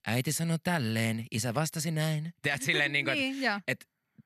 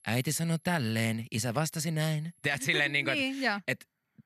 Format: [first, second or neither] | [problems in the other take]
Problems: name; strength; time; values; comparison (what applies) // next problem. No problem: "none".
first | high-pitched whine; faint; until 1 s and from 2 to 3.5 s; 11 kHz, 35 dB below the speech